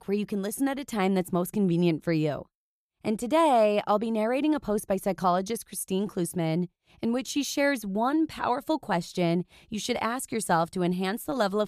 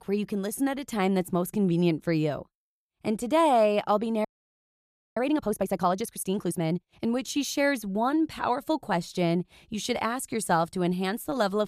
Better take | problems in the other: first | audio freezing; at 4.5 s for 1 s

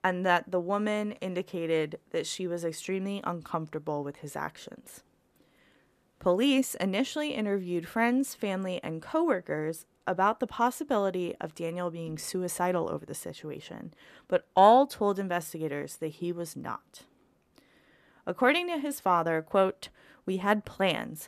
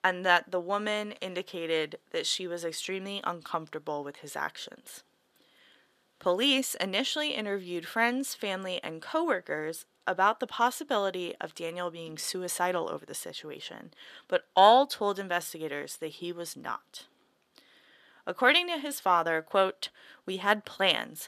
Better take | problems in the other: first | thin; very slightly; fading below 500 Hz

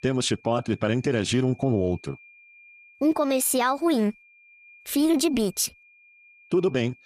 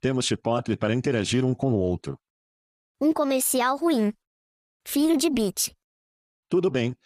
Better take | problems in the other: second | high-pitched whine; faint; throughout; 2.5 kHz, 25 dB below the speech

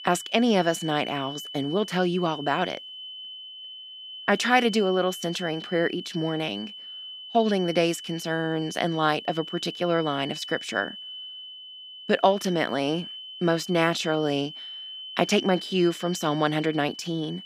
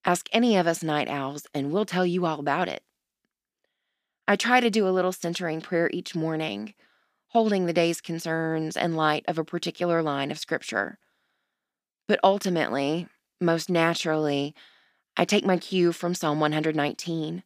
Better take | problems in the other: second | high-pitched whine; noticeable; throughout; 3 kHz, 10 dB below the speech

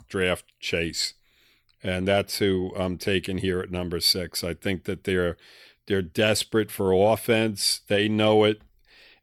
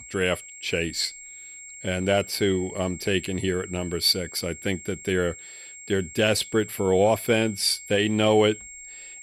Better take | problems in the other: first | high-pitched whine; noticeable; throughout; 7.5 kHz, 15 dB below the speech

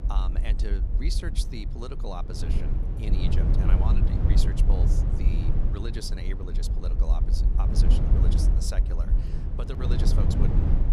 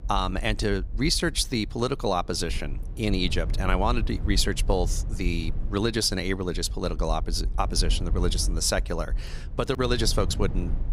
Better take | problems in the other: second | low rumble; loud; throughout; as loud as the speech; faint in the second

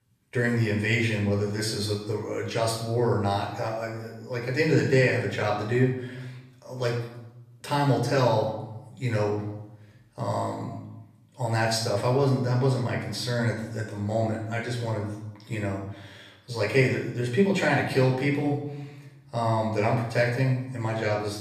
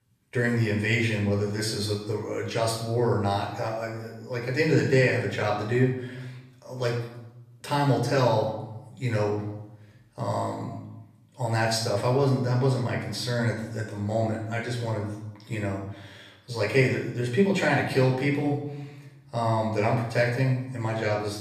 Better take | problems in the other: neither | room echo; noticeable; dies away in 0.7 s; the same in both // off-mic speech; far; the same in both

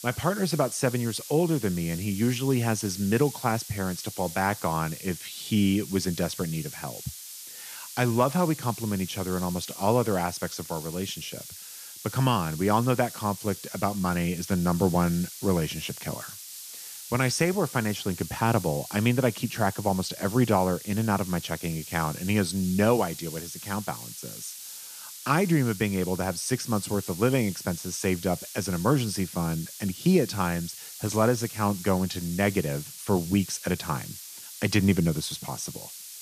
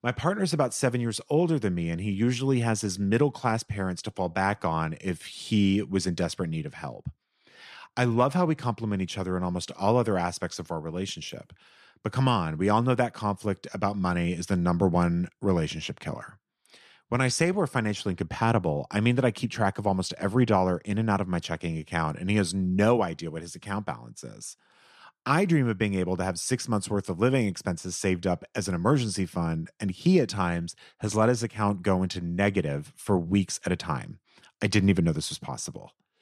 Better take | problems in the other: second | hiss; noticeable; throughout; 10 dB below the speech

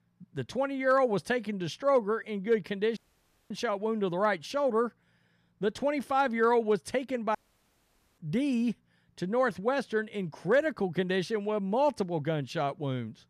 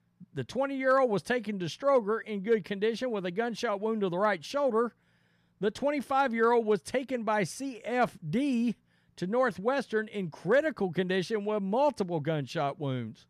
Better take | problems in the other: second | audio cutting out; at 3 s for 0.5 s and at 7.5 s for 1 s

